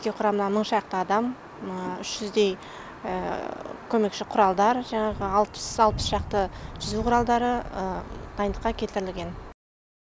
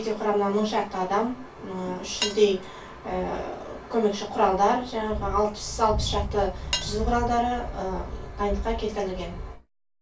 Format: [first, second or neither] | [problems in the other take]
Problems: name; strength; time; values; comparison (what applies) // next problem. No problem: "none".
first | background sound (Cutlery, silverware / Dishes, pots, and pans); 13 dB below the speech // room echo; dies away in 0.2 s